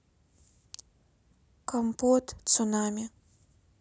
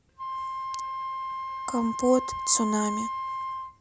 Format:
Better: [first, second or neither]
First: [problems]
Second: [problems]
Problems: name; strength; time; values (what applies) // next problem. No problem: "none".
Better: first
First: none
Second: background sound (Wind instrument, woodwind instrument); 3 dB below the speech